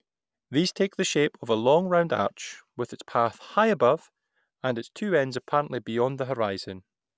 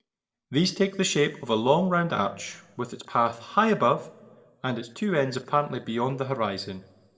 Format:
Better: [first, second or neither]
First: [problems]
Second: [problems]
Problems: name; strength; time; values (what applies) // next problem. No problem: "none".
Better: first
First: none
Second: room echo; dies away in 0.5 s